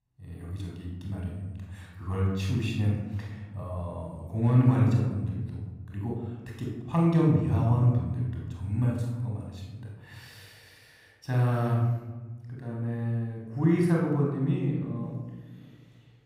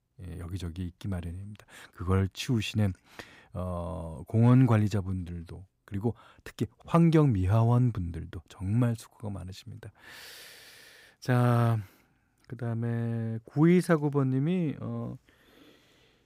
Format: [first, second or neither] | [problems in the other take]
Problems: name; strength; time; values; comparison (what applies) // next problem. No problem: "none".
second | off-mic speech; somewhat distant // room echo; noticeable; dies away in 1.3 s